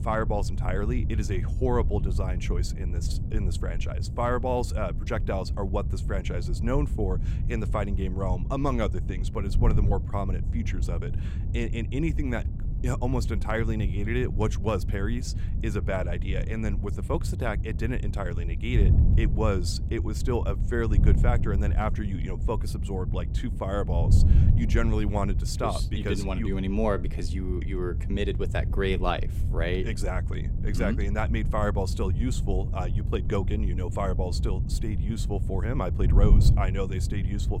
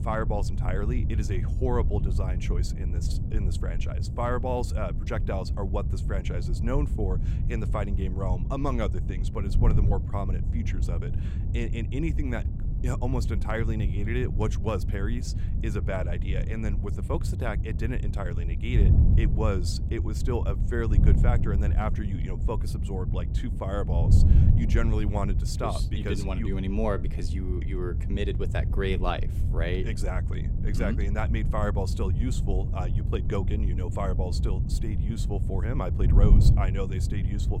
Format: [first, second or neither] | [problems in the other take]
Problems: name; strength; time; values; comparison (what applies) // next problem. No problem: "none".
first | wind noise on the microphone; heavy; 7 dB below the speech; occasional gusts in the first